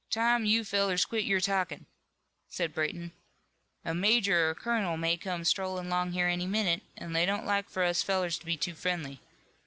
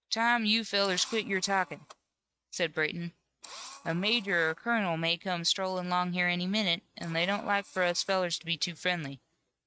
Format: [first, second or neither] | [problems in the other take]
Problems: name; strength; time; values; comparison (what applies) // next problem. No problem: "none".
first | noise reduction (neural mask model RNNoise)